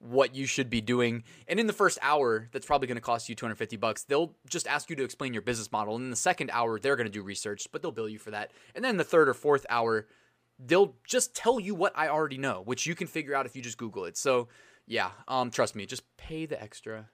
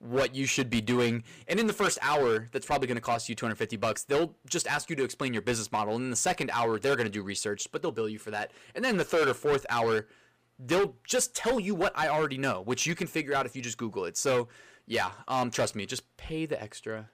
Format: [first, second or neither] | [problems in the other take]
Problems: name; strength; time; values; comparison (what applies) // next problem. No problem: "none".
first | distortion; heavy; 8% of the sound clipped